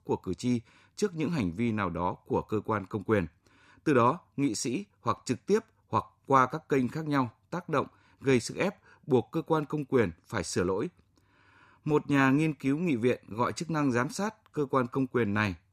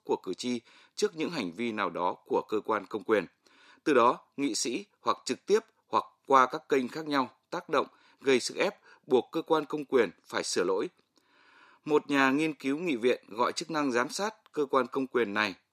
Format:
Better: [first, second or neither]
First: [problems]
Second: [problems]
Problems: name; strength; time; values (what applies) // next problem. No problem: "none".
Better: first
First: none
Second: thin; very slightly; fading below 350 Hz